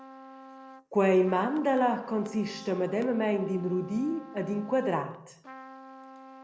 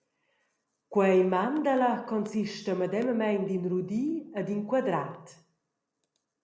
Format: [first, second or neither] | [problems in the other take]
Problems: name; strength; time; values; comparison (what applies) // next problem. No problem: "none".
second | background sound (Trumpet); 18 dB below the speech